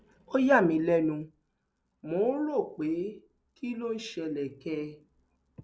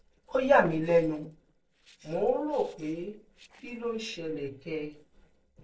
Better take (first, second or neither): first